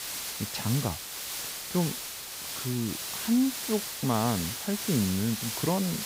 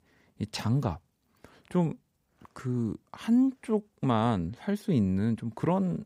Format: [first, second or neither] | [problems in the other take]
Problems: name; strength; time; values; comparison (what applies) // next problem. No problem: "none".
second | hiss; loud; throughout; 3 dB below the speech